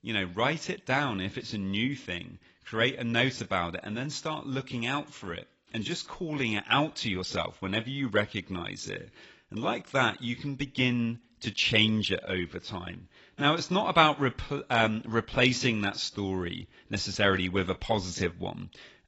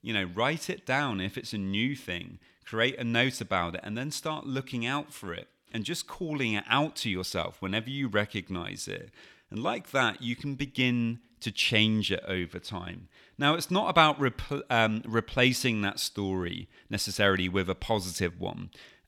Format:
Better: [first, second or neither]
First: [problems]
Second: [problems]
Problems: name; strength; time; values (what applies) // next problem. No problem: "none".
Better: second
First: garbled, watery; badly; nothing above 7.5 kHz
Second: none